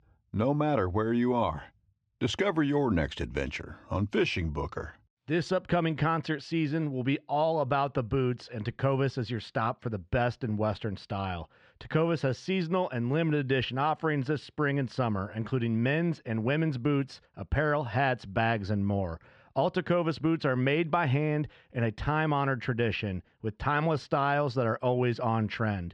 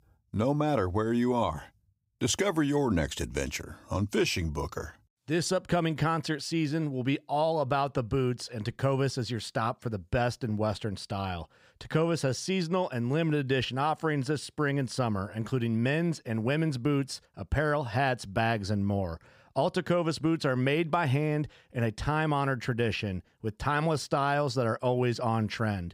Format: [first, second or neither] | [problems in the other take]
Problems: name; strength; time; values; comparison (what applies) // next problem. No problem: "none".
second | muffled; slightly; fading above 3 kHz